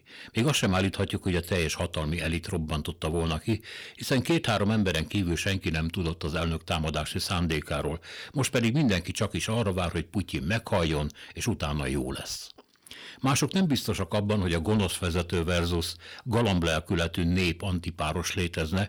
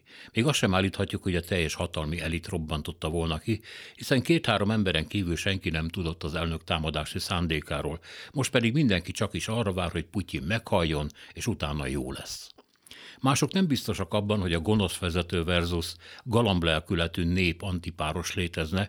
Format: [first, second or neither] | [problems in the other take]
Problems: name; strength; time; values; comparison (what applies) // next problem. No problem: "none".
second | distortion; slight; 10 dB below the speech